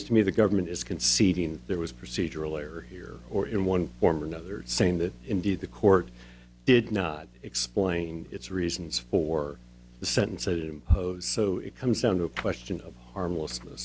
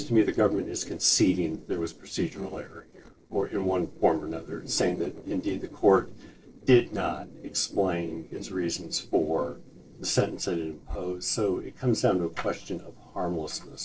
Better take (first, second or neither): first